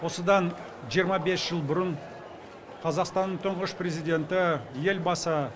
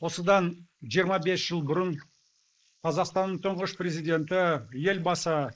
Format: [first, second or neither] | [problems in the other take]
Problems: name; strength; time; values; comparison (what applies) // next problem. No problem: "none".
first | noise reduction (neural mask model Resemble Enhance denoiser)